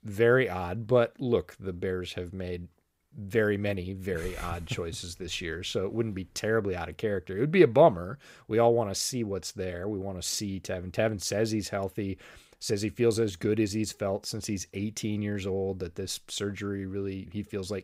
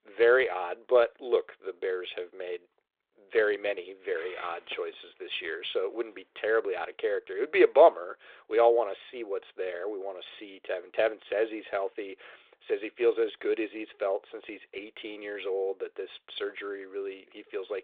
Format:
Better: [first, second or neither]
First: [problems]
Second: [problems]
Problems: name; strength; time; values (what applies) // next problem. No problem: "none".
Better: first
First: none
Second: phone-call audio; nothing above 3.5 kHz